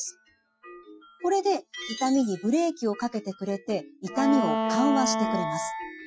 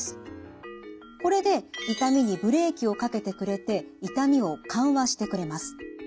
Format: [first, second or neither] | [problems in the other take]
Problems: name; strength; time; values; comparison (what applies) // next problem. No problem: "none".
second | noise reduction (classical method Wiener filter)